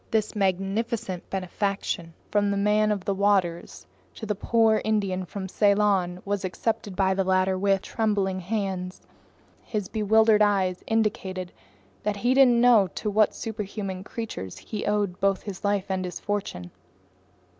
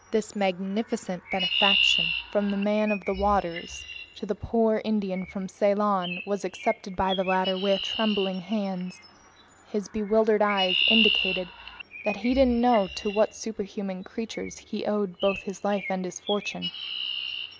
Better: first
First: none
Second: background sound (Chirp, tweet); 5 dB below the speech

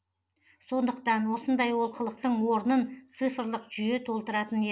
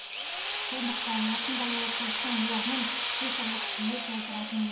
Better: first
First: none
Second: background sound (Drill); 2 dB above the speech // room echo; dies away in 0.5 s

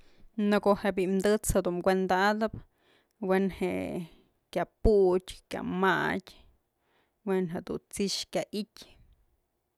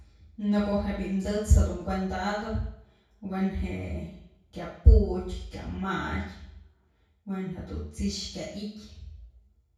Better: first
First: none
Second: room echo; dies away in 0.6 s

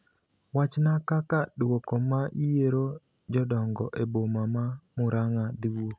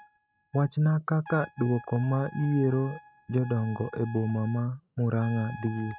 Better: first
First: none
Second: noise reduction (neural mask model RNNoise)

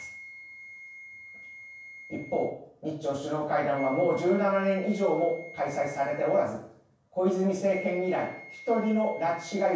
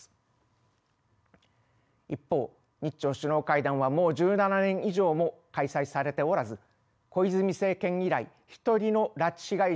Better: second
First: background sound (Wind instrument, woodwind instrument); 18 dB below the speech // room echo; dies away in 0.7 s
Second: none

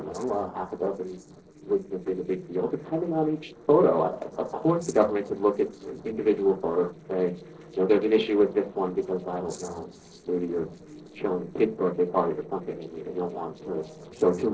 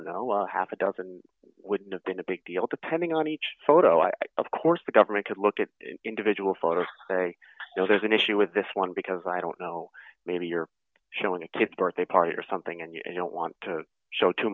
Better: second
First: noise reduction (neural separator model SepFormer DNS4)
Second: none

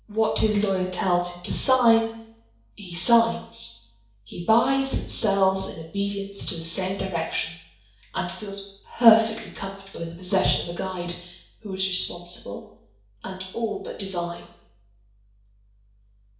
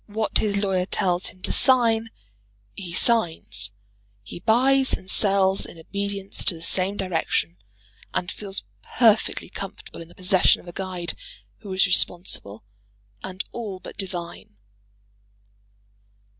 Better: second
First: room echo; dies away in 0.6 s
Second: none

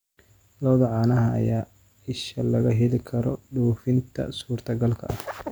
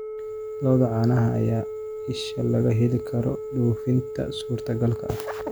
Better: first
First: none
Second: background sound (Telephone); 9 dB below the speech

